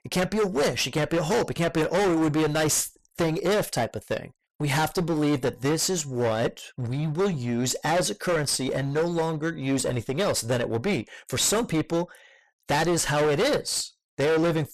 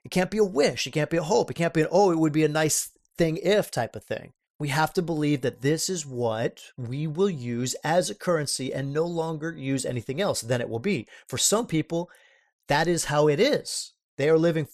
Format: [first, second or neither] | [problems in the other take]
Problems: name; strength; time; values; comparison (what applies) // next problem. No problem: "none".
second | distortion; heavy; 21% of the sound clipped